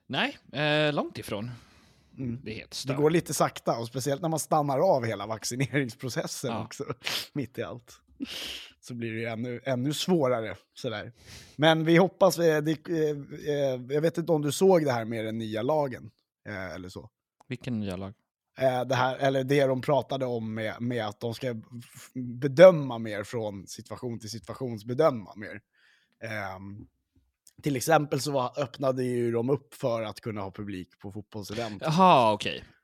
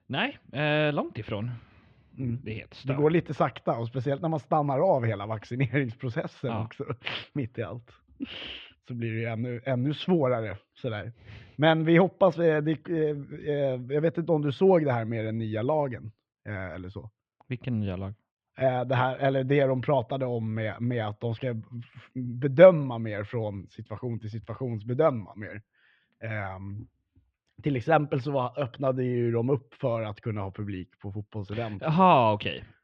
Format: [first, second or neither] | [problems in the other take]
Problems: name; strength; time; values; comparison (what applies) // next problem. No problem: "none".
first | muffled; very; fading above 3 kHz